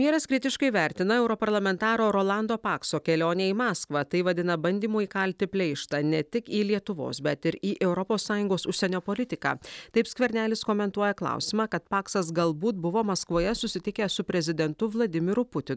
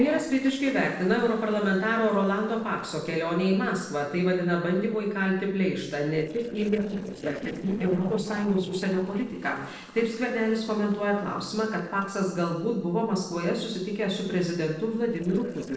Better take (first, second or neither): first